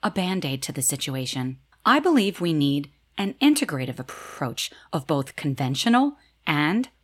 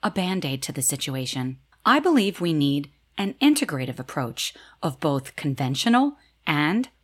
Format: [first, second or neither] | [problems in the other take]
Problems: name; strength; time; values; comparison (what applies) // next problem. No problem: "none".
second | audio freezing; at 4 s